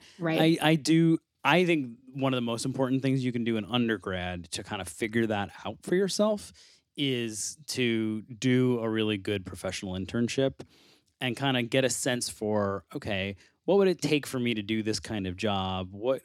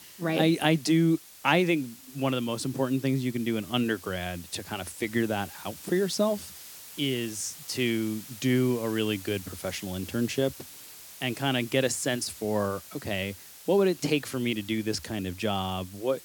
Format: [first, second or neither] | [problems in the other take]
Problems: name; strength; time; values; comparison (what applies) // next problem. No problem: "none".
first | hiss; noticeable; throughout; 15 dB below the speech